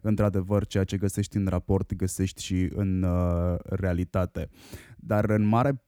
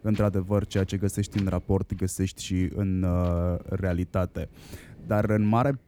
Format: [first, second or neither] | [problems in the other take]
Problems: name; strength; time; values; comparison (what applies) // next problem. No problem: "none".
first | wind noise on the microphone; occasional gusts; 20 dB below the speech